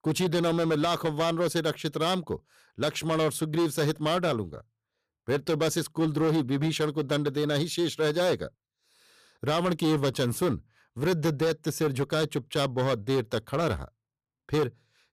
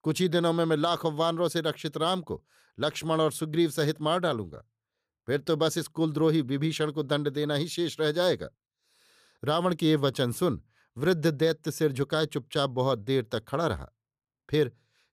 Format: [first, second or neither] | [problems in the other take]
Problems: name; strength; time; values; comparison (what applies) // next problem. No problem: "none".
second | distortion; slight; 11% of the sound clipped